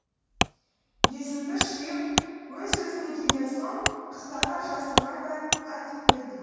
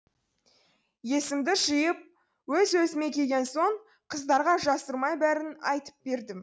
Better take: second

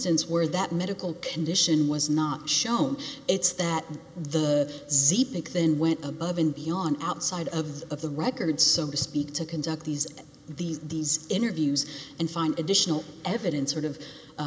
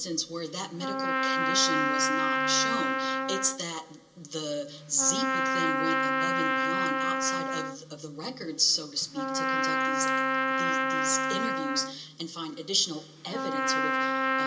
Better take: first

